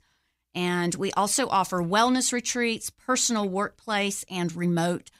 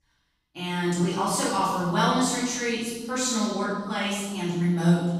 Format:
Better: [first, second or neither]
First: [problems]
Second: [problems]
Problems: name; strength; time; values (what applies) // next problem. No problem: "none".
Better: first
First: none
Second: off-mic speech; far // room echo; strong; dies away in 1.3 s